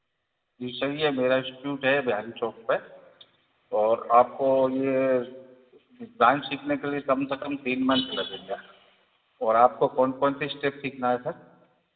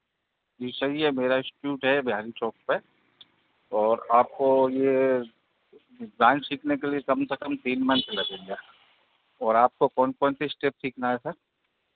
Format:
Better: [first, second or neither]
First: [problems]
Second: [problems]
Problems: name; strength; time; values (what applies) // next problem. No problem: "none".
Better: second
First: room echo; dies away in 1 s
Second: none